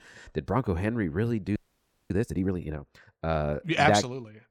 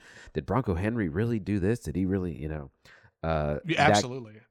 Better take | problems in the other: second | audio freezing; at 1.5 s for 0.5 s

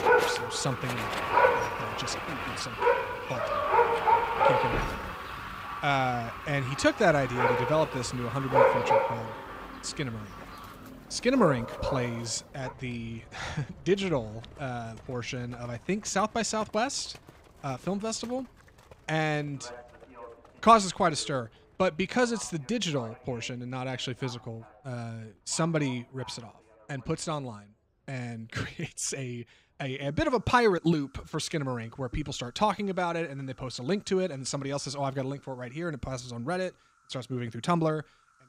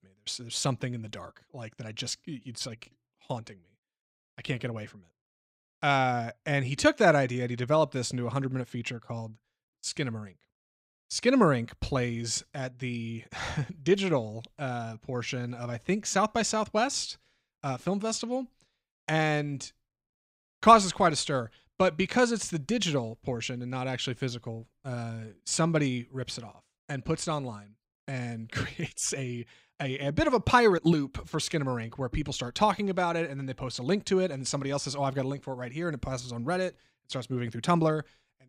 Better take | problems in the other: second | animal sounds; very loud; throughout; 2 dB above the speech

